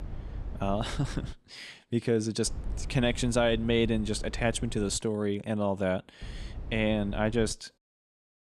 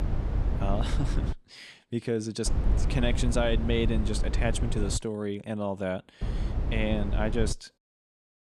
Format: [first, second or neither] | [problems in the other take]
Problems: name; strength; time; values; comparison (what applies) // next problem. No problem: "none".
first | low rumble; loud; until 1.5 s, from 2.5 to 5 s and from 6 to 7.5 s; 9 dB below the speech; faint in the first